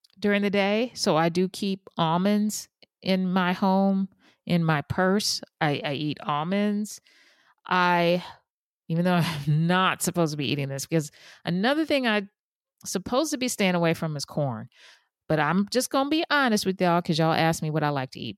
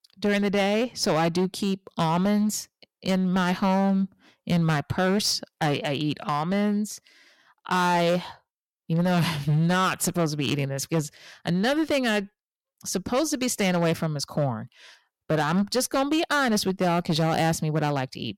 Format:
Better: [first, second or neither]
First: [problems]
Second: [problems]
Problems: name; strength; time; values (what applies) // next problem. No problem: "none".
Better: first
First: none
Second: distortion; slight; 10% of the sound clipped